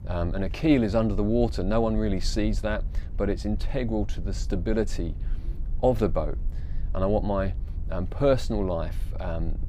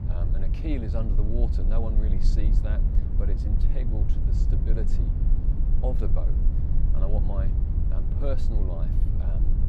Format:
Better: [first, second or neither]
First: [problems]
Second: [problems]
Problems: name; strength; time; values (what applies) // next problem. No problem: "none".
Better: first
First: low rumble; faint; throughout; 25 dB below the speech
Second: low rumble; loud; throughout; 3 dB below the speech